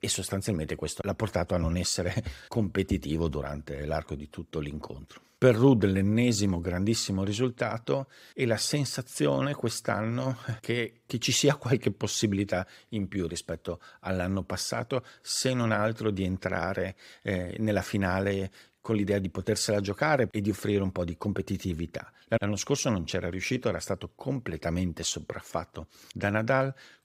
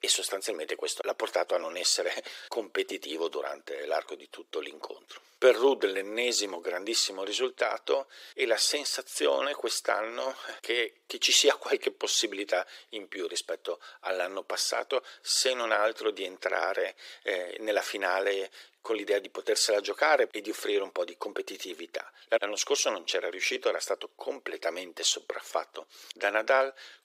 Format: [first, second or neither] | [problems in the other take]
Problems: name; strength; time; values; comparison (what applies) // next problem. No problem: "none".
first | thin; very; fading below 350 Hz